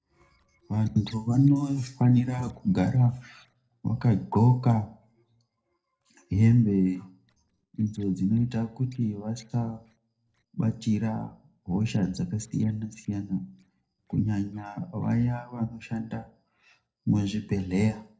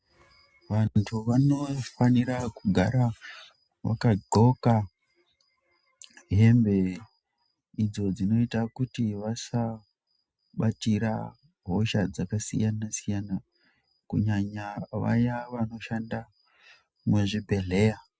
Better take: second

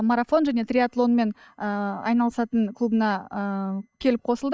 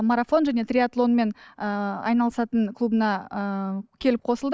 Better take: second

